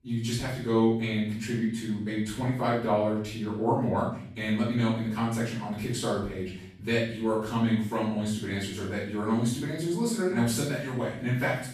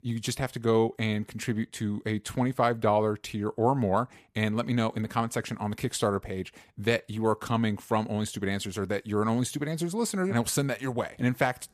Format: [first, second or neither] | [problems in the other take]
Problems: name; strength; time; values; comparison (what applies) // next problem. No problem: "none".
second | off-mic speech; far // room echo; noticeable; dies away in 0.6 s